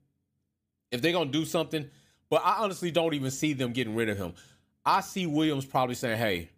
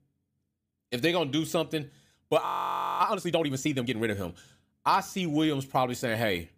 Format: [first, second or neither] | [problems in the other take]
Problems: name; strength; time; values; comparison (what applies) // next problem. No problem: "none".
first | audio freezing; at 2.5 s for 0.5 s